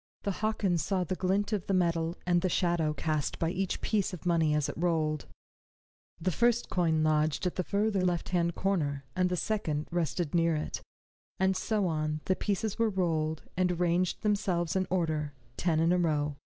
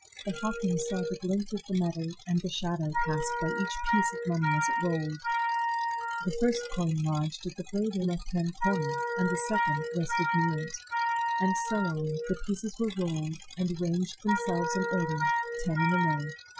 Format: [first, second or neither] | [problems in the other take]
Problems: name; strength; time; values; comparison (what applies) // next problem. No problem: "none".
first | noise reduction (classical method Wiener filter)